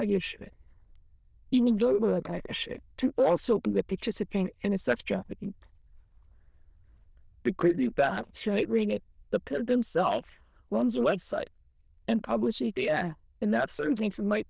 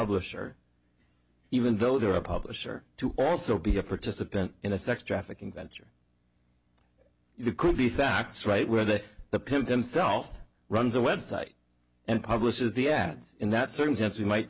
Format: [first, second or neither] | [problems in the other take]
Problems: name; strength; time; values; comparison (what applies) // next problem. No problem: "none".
second | noise reduction (neural diffusion model UNIVERSE++)